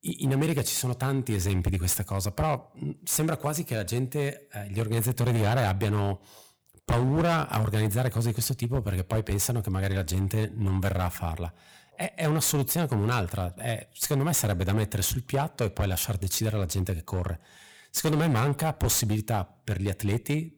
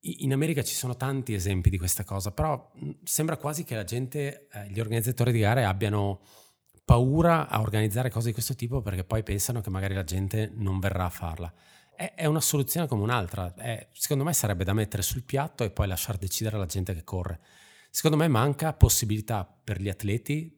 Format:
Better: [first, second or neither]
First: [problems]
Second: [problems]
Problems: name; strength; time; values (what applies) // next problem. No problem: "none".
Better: second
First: distortion; heavy; 14% of the sound clipped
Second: none